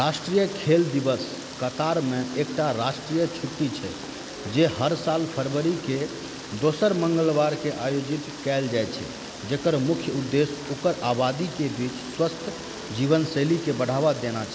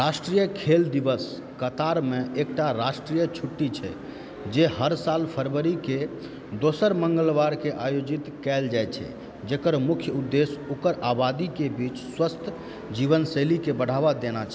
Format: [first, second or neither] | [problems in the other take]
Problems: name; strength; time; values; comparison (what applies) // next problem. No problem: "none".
second | background sound (Rain); 15 dB below the speech